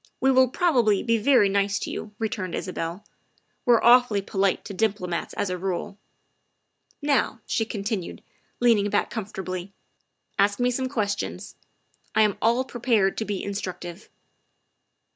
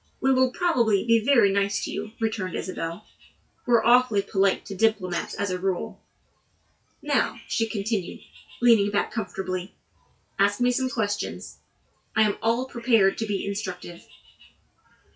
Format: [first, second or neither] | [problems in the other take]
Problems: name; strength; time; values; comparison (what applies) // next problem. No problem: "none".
first | noise reduction (classical method WPE with log-MMSE)